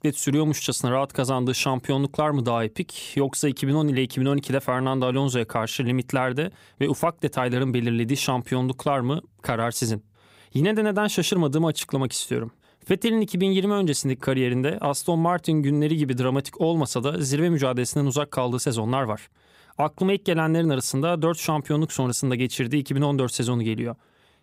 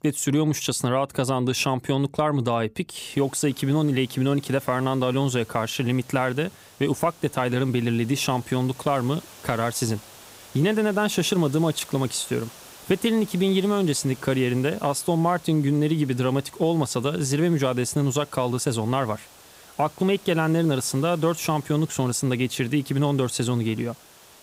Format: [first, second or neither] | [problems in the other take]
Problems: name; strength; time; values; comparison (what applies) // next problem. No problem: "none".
first | hiss; faint; from 3 s on; 20 dB below the speech